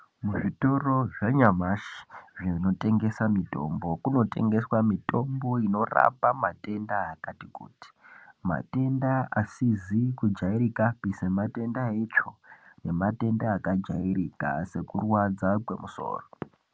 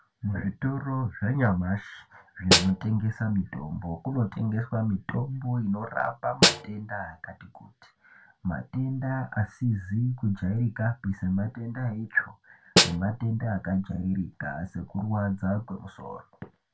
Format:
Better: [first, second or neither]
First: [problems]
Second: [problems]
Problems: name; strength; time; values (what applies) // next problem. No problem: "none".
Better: first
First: none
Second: background sound (Snare drum); 4 dB above the speech // room echo; dies away in 0.2 s